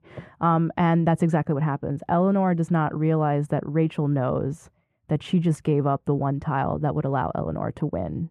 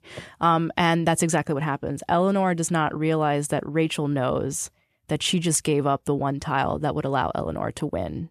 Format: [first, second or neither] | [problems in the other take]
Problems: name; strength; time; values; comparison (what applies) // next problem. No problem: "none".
second | muffled; very; fading above 2.5 kHz